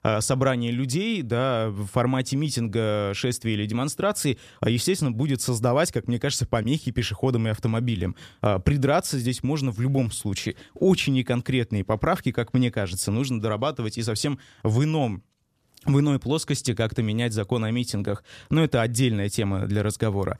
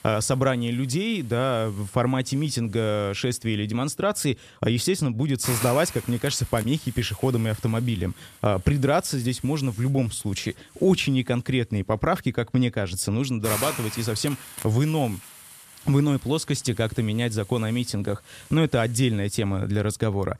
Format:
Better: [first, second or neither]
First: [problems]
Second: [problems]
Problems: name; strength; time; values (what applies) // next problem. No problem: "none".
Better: first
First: none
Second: hiss; noticeable; throughout; 15 dB below the speech